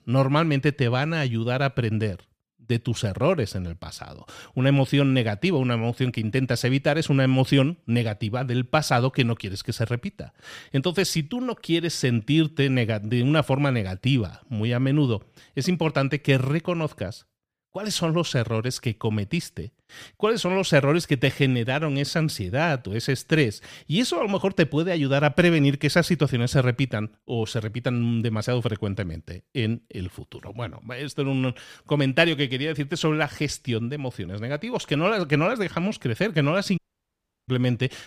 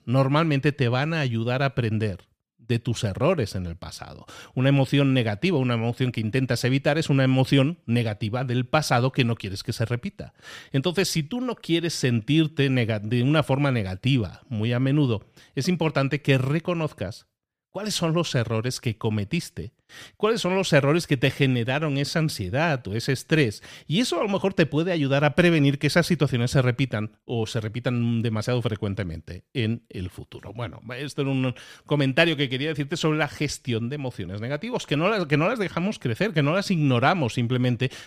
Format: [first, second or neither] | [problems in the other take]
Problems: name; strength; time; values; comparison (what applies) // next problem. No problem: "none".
second | audio cutting out; at 37 s for 0.5 s